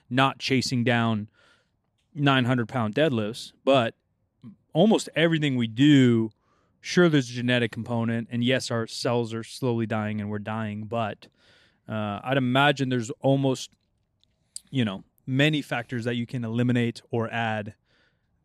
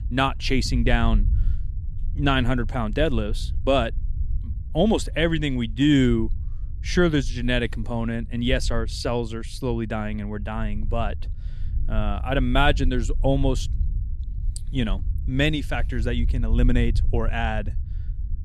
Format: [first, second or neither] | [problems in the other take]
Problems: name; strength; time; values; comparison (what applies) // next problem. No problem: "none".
first | low rumble; faint; throughout; 25 dB below the speech